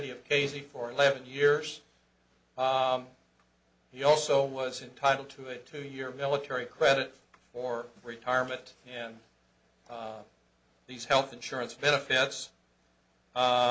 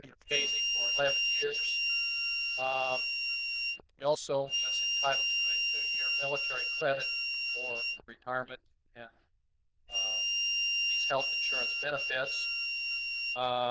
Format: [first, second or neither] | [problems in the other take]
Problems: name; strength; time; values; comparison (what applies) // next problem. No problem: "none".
first | noise reduction (neural diffusion model UNIVERSE++)